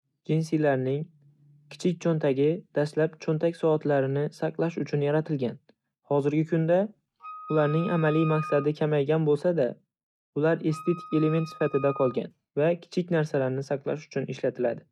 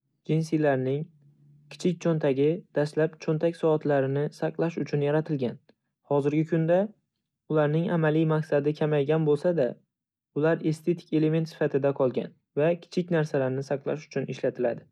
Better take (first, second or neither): second